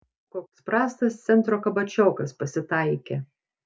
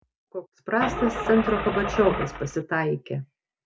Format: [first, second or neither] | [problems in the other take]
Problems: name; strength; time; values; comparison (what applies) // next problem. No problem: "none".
first | background sound (Engine starting / Car); 4 dB below the speech